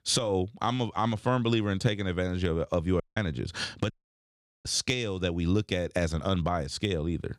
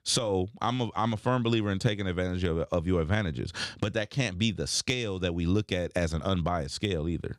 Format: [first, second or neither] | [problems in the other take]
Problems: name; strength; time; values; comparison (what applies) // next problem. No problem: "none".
second | audio cutting out; at 3 s and at 4 s for 1 s